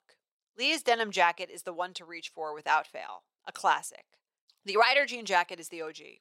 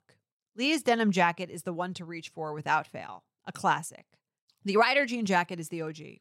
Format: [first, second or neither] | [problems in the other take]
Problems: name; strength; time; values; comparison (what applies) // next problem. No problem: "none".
second | thin; very; fading below 550 Hz